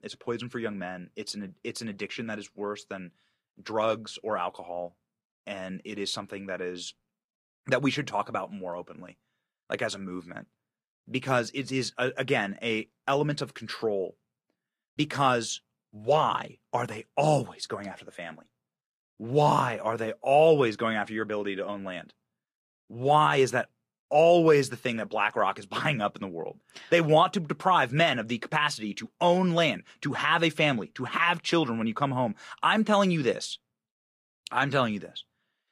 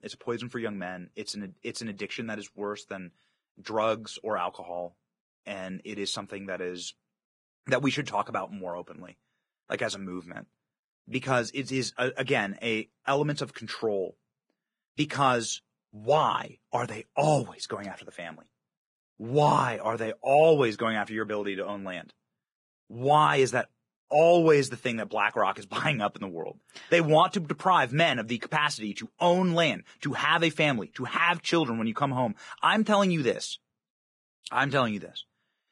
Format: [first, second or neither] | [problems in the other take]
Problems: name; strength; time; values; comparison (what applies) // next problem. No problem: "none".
first | garbled, watery; badly; nothing above 10.5 kHz; slightly in the first